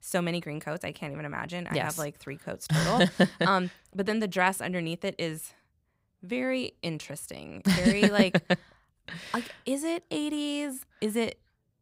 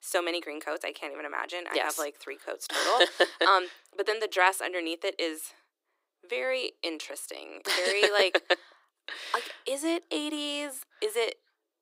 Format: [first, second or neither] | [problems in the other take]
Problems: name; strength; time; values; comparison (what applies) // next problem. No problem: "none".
first | thin; very; fading below 300 Hz